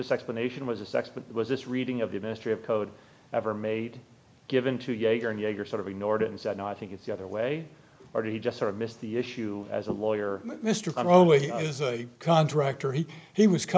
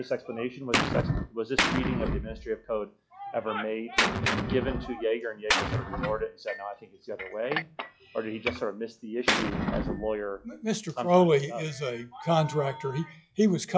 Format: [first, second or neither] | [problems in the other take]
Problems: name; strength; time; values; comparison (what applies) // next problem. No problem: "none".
first | noise reduction (classical method log-MMSE)